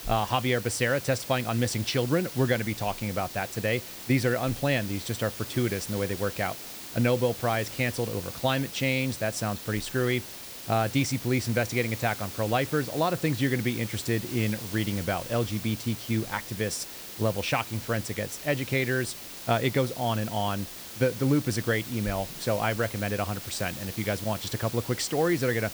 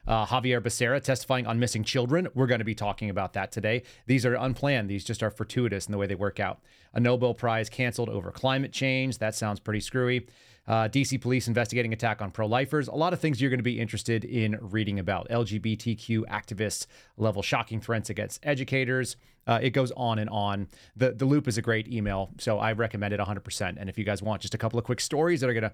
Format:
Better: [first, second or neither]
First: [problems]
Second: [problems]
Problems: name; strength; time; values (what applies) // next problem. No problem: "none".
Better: second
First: hiss; loud; throughout; 10 dB below the speech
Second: none